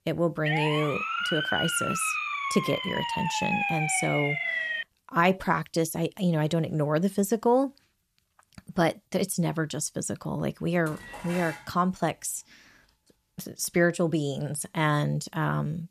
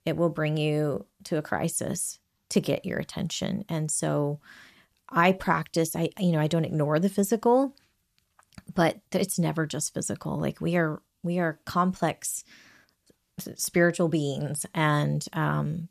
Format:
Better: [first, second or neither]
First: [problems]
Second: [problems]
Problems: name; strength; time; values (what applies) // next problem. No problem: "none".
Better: second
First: siren; loud; until 5 s; peak 1 dB above the speech // clattering dishes; noticeable; at 11 s; peak 9 dB below the speech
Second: none